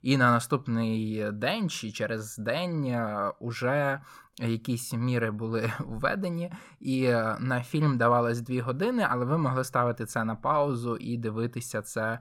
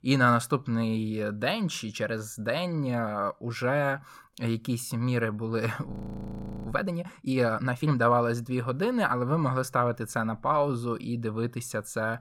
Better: first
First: none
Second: audio freezing; at 6 s for 1 s

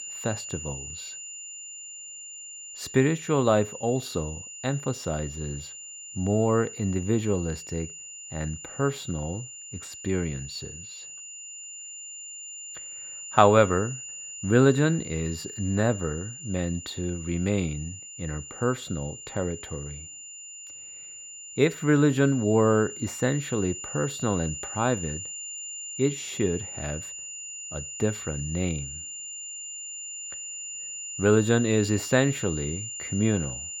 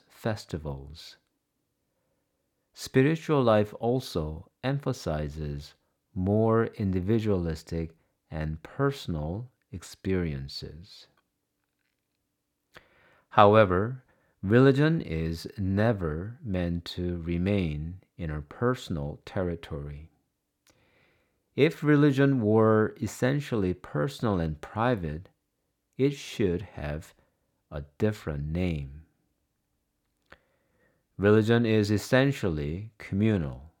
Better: second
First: high-pitched whine; loud; throughout; 7 kHz, 10 dB below the speech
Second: none

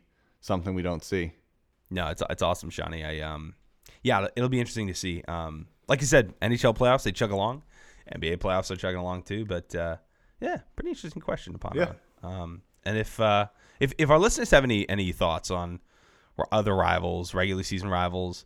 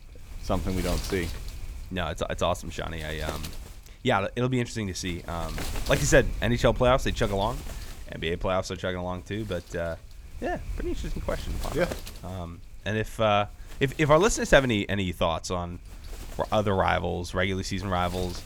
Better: first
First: none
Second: wind noise on the microphone; occasional gusts; 15 dB below the speech

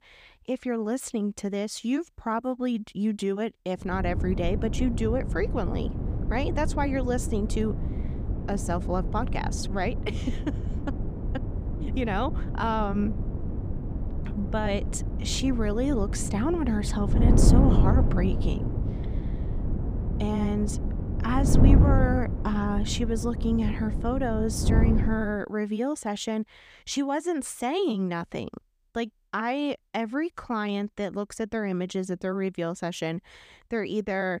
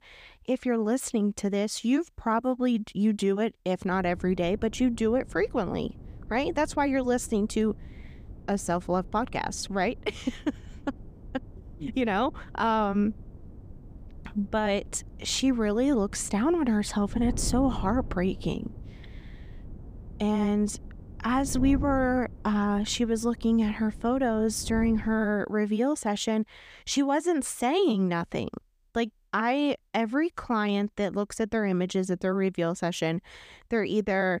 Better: second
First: wind noise on the microphone; heavy; from 4 to 25 s; 7 dB below the speech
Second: wind noise on the microphone; occasional gusts; from 4 to 25 s; 25 dB below the speech

